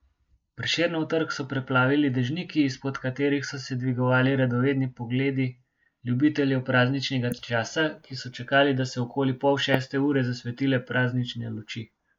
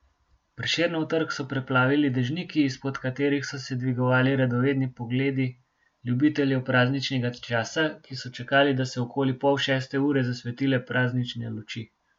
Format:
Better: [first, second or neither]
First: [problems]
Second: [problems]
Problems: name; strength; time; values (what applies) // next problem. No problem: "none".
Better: second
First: noise reduction (neural mask model Resemble Enhance denoiser)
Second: none